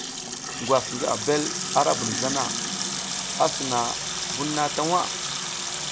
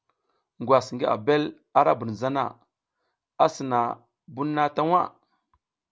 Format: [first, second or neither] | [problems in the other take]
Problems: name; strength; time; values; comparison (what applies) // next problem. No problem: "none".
second | background sound (Sink (filling or washing) / Water tap, faucet); 2 dB below the speech